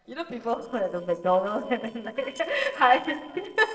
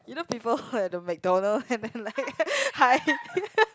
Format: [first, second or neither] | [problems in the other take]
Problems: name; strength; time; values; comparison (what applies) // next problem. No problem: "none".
second | noise reduction (neural separator model SepFormer DNS4)